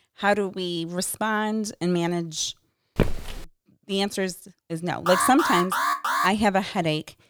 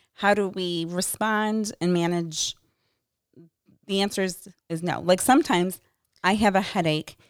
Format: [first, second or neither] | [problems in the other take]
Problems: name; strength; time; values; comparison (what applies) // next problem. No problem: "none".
second | footsteps; noticeable; at 3 s; peak 2 dB below the speech // alarm; loud; from 5 to 6.5 s; peak 2 dB above the speech